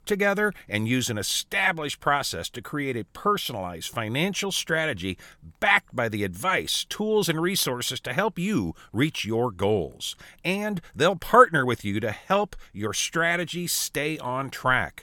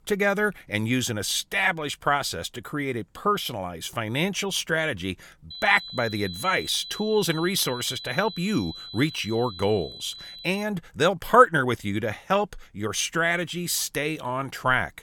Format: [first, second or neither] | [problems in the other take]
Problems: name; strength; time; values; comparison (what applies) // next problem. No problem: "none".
first | high-pitched whine; noticeable; from 5.5 to 11 s; 4 kHz, 10 dB below the speech